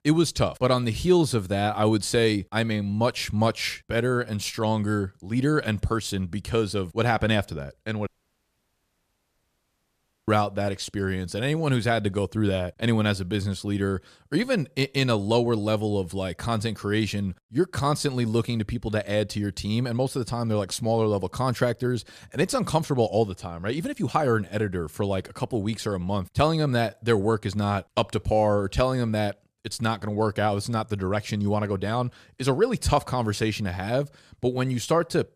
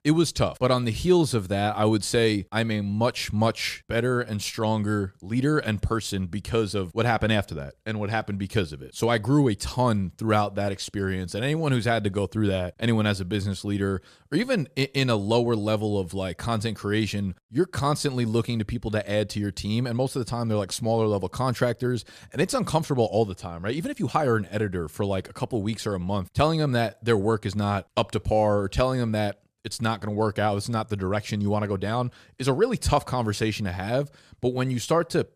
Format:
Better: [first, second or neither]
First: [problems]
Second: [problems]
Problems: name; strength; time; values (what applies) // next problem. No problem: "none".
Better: second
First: audio cutting out; at 8 s for 2 s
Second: none